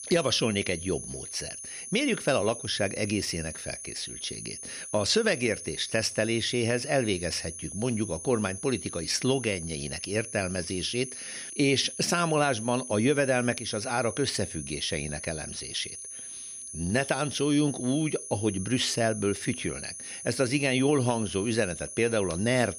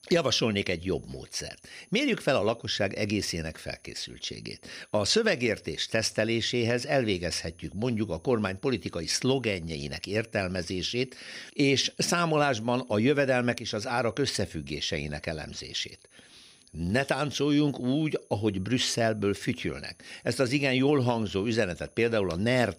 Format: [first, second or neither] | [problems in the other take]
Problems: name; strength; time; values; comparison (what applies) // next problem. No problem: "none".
second | high-pitched whine; loud; throughout; 10 kHz, 9 dB below the speech; faint in the second